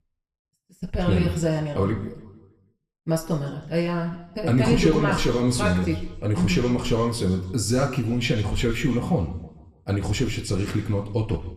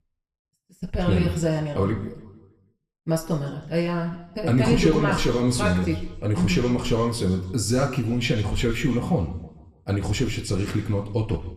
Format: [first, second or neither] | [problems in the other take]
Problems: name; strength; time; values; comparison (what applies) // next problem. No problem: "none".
neither | room echo; slight; dies away in 0.9 s; the same in both // off-mic speech; somewhat distant; the same in both